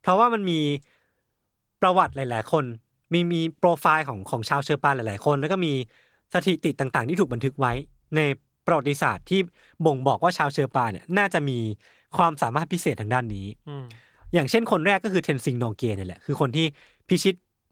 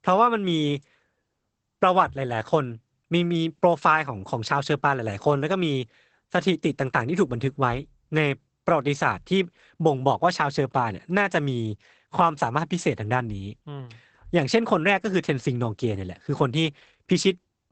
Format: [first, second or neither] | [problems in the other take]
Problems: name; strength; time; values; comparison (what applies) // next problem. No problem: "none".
first | garbled, watery; badly; nothing above 8 kHz; slightly in the first